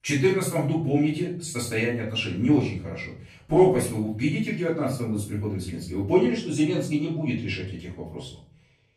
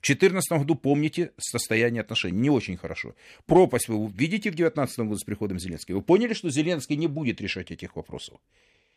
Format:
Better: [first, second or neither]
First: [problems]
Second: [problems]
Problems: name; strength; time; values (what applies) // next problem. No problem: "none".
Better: second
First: off-mic speech; far // room echo; noticeable; dies away in 0.5 s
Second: none